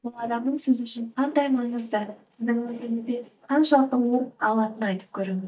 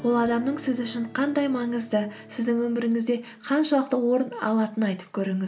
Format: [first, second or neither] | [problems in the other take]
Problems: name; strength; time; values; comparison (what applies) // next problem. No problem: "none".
second | noise reduction (neural mask model DeepFilterNet 3)